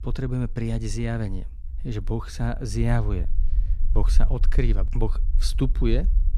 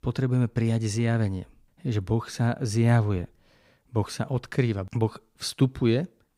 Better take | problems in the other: second | low rumble; noticeable; throughout; 20 dB below the speech

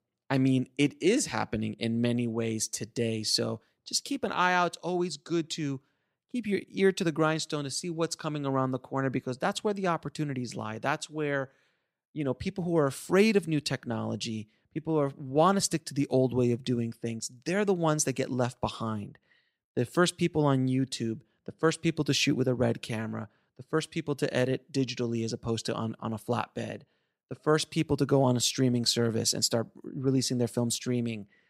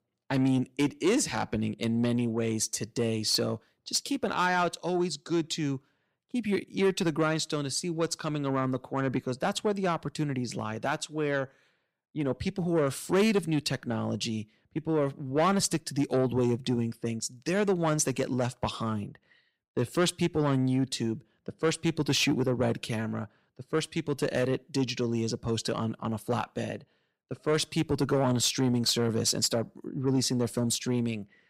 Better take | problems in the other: first | distortion; slight; 10 dB below the speech

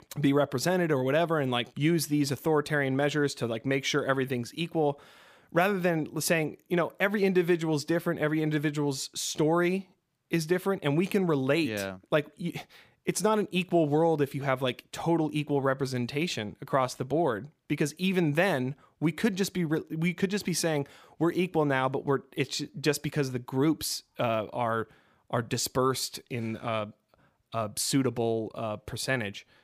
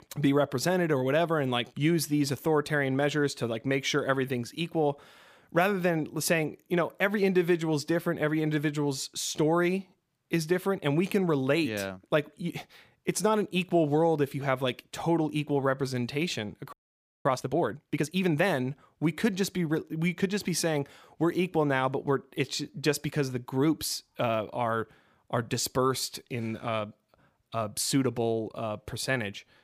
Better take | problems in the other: first | audio freezing; at 17 s for 0.5 s

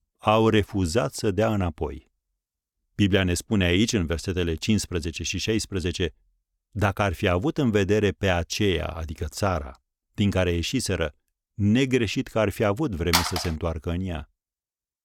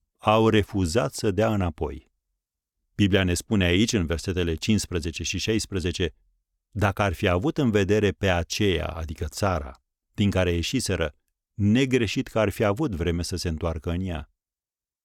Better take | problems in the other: second | phone ringing; loud; at 13 s; peak 1 dB above the speech

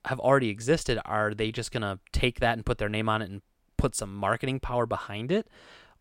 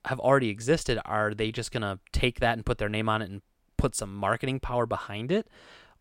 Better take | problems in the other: neither | none

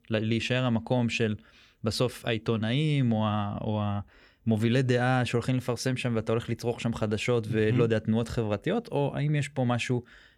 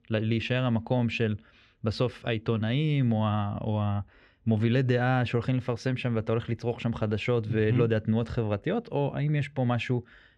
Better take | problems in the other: first | muffled; very slightly; fading above 3.5 kHz

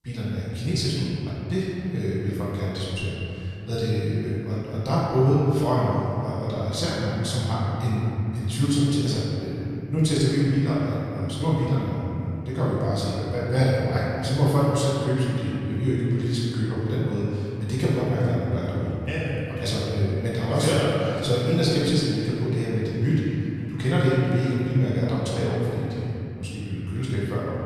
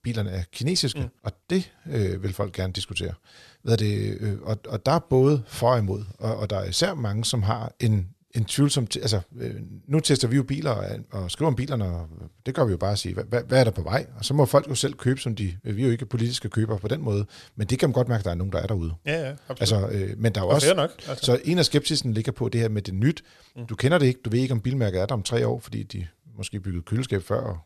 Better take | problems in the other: second | room echo; strong; dies away in 3 s // off-mic speech; far

